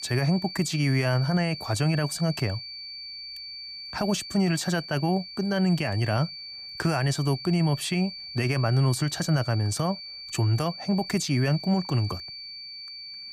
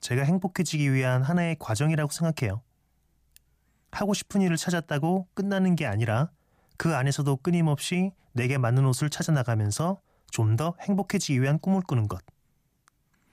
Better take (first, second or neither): second